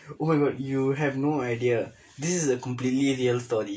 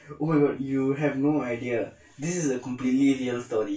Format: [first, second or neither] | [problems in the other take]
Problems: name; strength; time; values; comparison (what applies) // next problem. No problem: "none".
first | room echo; dies away in 0.2 s